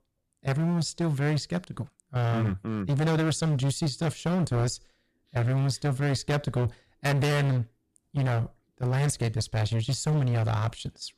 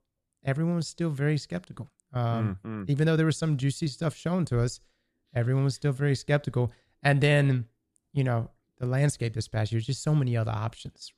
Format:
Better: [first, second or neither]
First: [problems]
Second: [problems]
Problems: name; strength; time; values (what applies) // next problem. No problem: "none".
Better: second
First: distortion; heavy; 21% of the sound clipped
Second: none